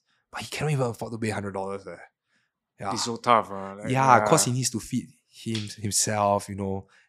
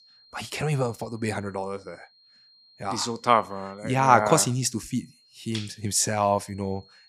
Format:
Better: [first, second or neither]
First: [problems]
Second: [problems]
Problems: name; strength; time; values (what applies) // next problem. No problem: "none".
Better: first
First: none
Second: high-pitched whine; faint; throughout; 4 kHz, 30 dB below the speech